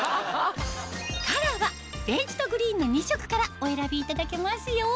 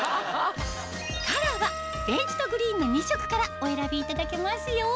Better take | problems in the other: first | background sound (Wind instrument, woodwind instrument); 8 dB below the speech

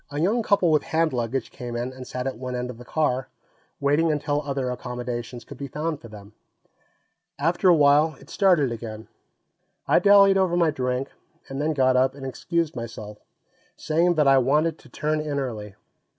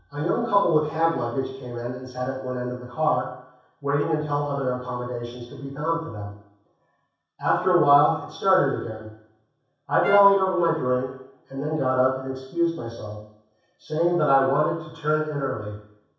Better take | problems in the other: first | background sound (Trumpet); 11 dB below the speech // room echo; dies away in 0.7 s

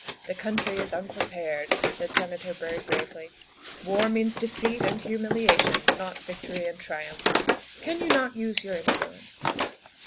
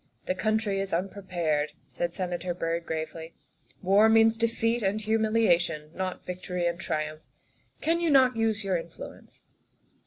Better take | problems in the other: second | background sound (Wood); 1 dB above the speech

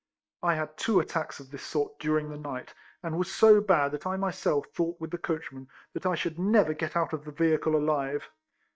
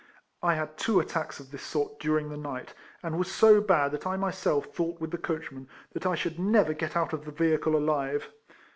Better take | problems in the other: second | noise reduction (neural mask model DeepFilterNet 3)

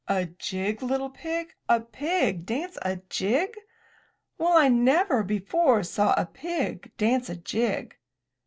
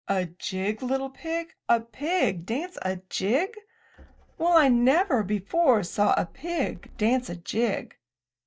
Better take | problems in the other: first | noise reduction (neural mask model DeepFilterNet 3)

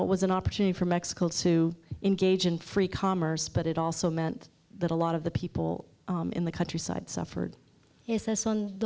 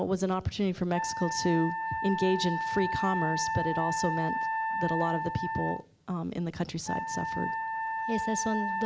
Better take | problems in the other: first | background sound (Wind instrument, woodwind instrument); 2 dB below the speech

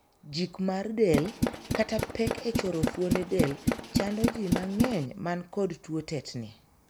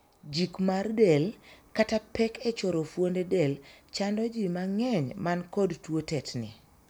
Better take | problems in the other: second | background sound (Tools); 1 dB above the speech

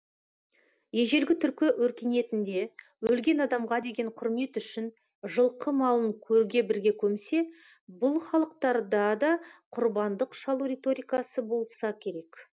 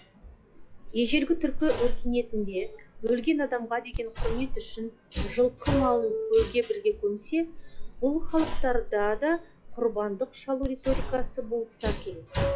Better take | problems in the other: first | noise reduction (classical method log-MMSE)

